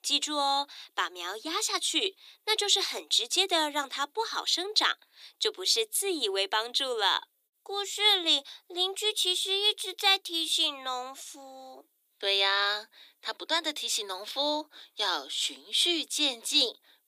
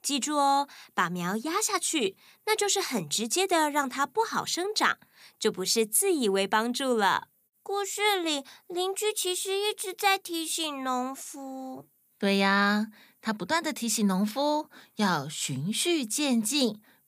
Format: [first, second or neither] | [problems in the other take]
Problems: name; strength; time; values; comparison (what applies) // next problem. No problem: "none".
second | thin; somewhat; fading below 300 Hz